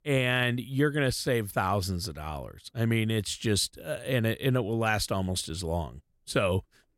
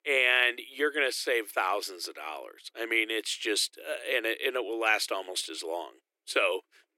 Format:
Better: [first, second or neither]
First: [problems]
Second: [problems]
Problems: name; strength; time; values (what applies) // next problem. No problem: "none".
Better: first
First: none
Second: thin; very; fading below 300 Hz